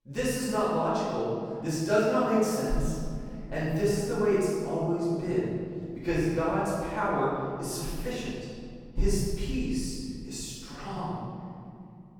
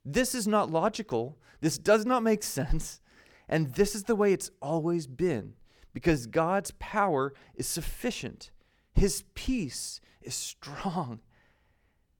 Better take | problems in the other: second | off-mic speech; far // room echo; strong; dies away in 2.2 s

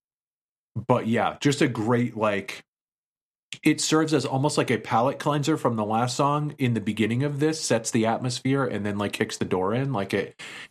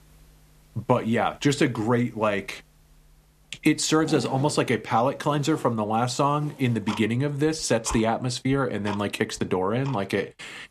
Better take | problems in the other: first | household noises; noticeable; throughout; 15 dB below the speech

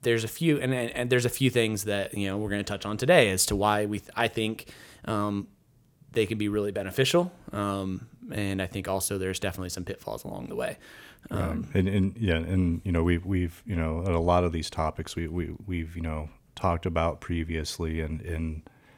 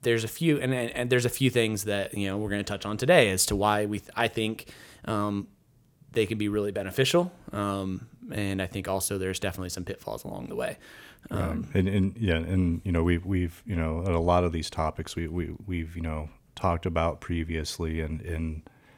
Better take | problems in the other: neither | none

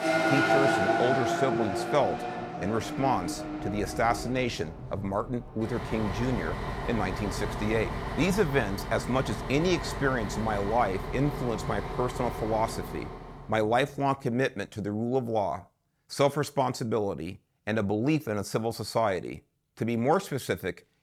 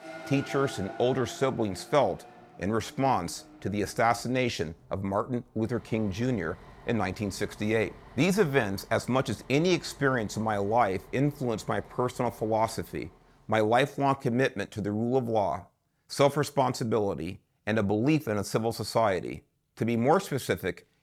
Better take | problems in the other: second | traffic noise; loud; until 13 s; 3 dB below the speech; faint in the second

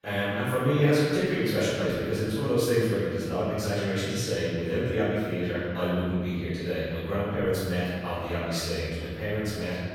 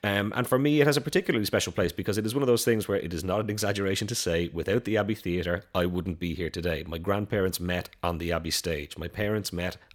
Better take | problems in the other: second | off-mic speech; far // room echo; strong; dies away in 1.8 s

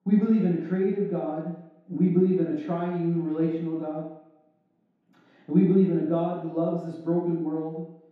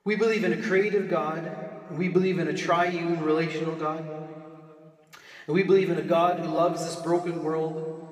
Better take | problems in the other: second | room echo; strong; dies away in 0.8 s; slight in the second // off-mic speech; far; somewhat distant in the second

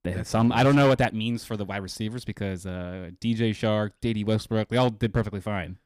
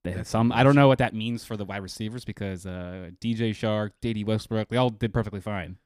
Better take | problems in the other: second | distortion; slight; 2% of the sound clipped

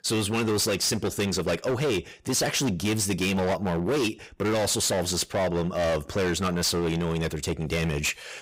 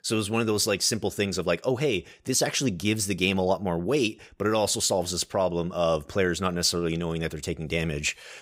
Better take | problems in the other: second | distortion; heavy; 23% of the sound clipped

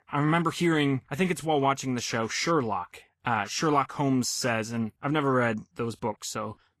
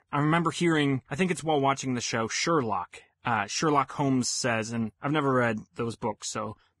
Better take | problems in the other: first | garbled, watery; badly; nothing above 10.5 kHz; slightly in the first

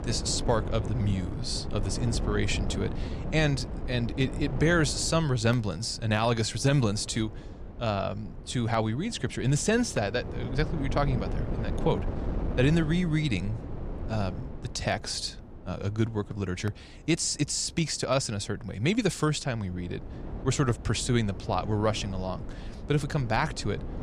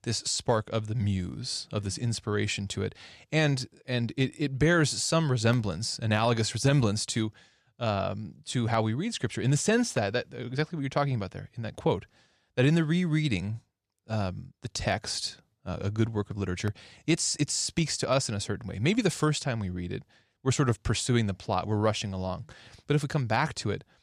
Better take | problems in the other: second | wind noise on the microphone; occasional gusts; 15 dB below the speech

